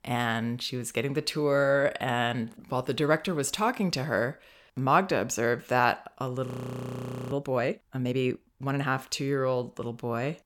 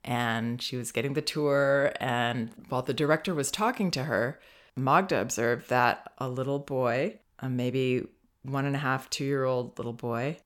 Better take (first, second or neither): second